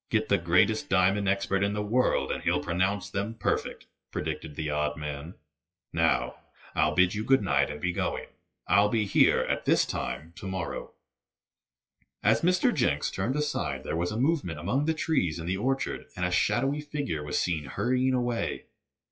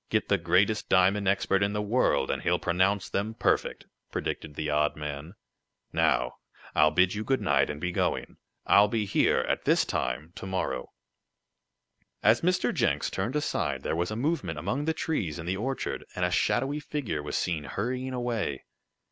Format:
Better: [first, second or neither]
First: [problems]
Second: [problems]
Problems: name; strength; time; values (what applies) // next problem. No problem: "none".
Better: second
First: noise reduction (classical method WPE with log-MMSE)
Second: none